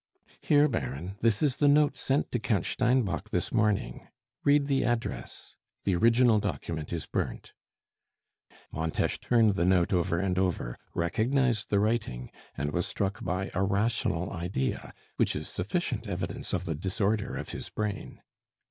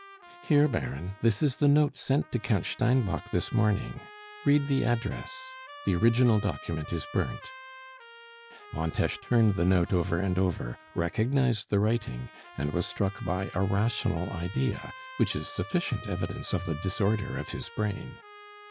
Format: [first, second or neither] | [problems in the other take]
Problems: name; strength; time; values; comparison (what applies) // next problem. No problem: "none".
first | background sound (Trumpet); 19 dB below the speech